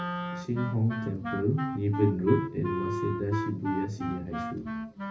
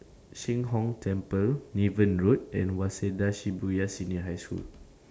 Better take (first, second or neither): second